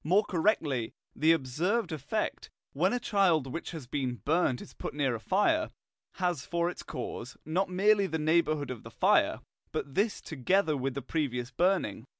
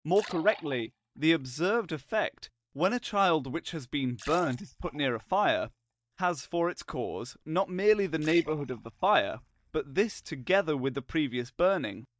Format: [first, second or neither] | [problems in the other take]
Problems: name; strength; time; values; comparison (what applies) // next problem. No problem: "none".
first | noise reduction (neural mask model DeepFilterNet 3)